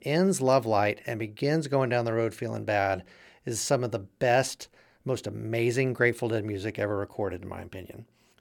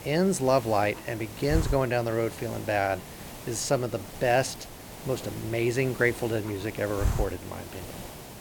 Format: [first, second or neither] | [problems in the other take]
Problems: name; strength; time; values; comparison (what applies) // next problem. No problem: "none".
first | hiss; noticeable; throughout; 10 dB below the speech